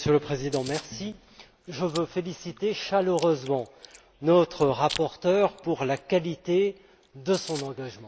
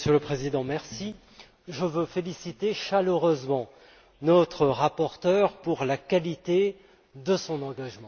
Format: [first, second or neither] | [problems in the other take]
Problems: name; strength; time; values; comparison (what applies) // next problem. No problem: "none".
second | background sound (Chewing, mastication); 19 dB below the speech